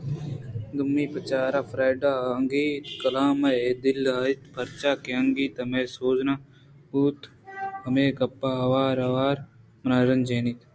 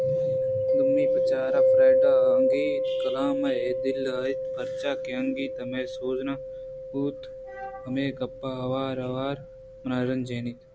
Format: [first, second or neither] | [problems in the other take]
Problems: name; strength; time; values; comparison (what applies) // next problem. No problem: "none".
first | background sound (Mallet percussion); 4 dB above the speech